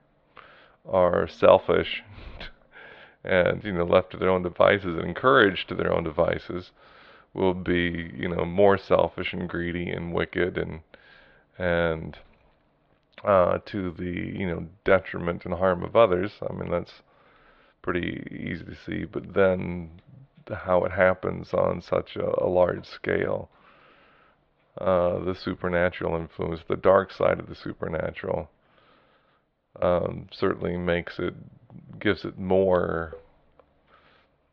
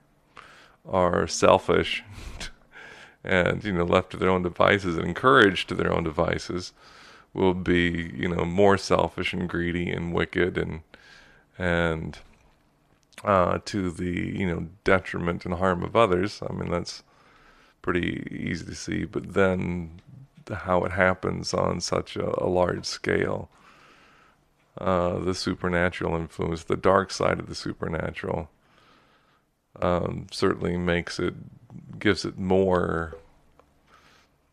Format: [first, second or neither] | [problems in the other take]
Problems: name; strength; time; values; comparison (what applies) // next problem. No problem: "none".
second | muffled; very; fading above 4 kHz